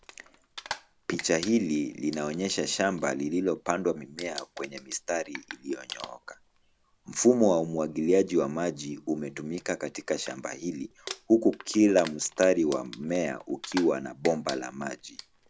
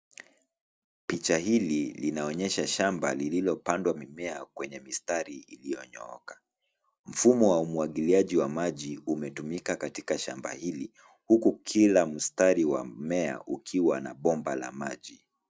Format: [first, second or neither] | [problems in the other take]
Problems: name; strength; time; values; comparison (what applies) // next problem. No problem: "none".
second | background sound (Crumpling, crinkling); 18 dB below the speech